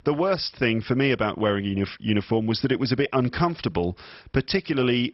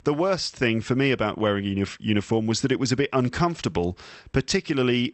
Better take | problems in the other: second | garbled, watery; badly; nothing above 5.5 kHz; slightly in the second

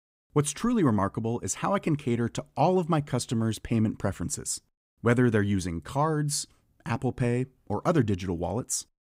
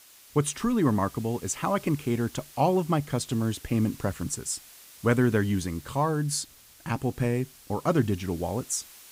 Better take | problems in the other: first | hiss; faint; throughout; 20 dB below the speech

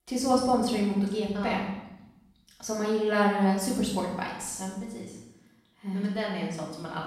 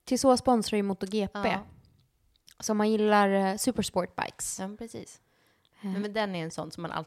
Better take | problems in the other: second | off-mic speech; far // room echo; noticeable; dies away in 0.8 s

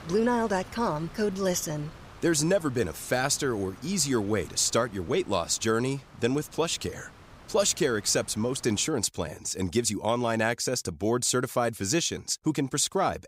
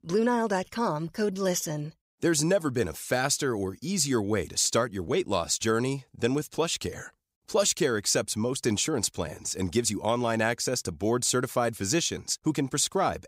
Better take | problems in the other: second | wind noise on the microphone; occasional gusts; until 9 s; 20 dB below the speech

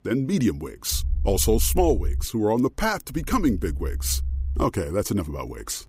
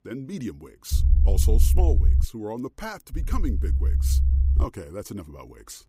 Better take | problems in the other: first | low rumble; loud; from 1 to 2.5 s and from 3 to 4.5 s; 6 dB below the speech; faint in the first

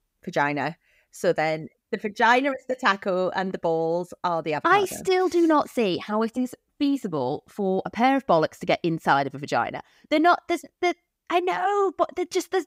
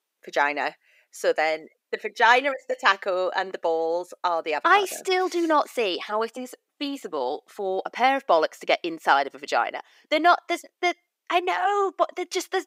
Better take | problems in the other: first | thin; somewhat; fading below 400 Hz

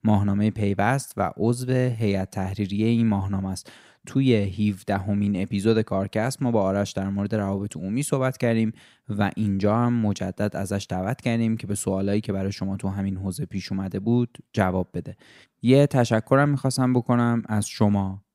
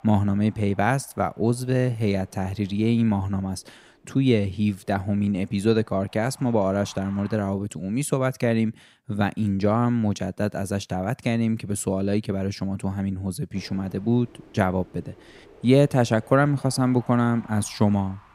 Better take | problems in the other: first | wind noise on the microphone; occasional gusts; until 7.5 s and from 14 s on; 20 dB below the speech

